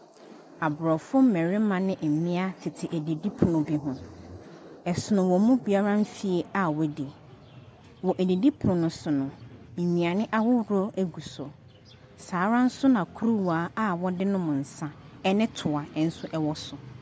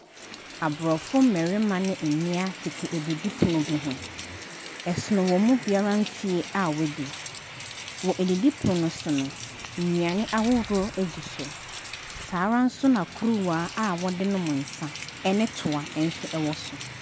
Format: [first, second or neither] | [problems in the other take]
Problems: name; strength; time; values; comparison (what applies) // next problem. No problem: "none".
first | background sound (Rain); 13 dB below the speech